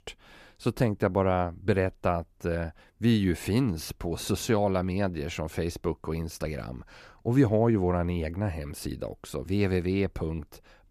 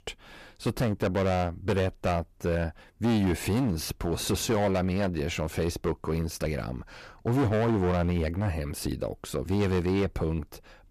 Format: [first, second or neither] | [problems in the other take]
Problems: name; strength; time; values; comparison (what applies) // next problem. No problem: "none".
first | distortion; heavy; 12% of the sound clipped